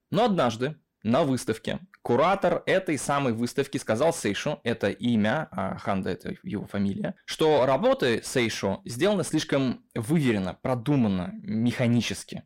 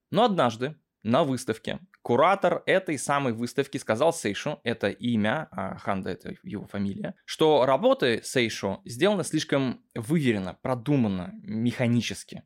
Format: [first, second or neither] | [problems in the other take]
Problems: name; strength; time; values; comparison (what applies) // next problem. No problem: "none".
second | distortion; slight; 10 dB below the speech